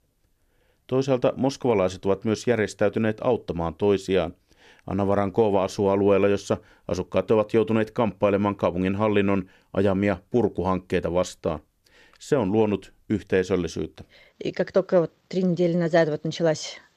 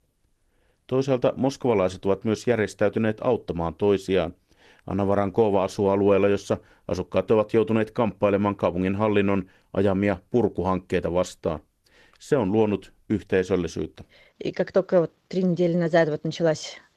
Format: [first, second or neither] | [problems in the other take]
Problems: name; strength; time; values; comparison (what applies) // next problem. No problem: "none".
first | garbled, watery; slightly; nothing above 13.5 kHz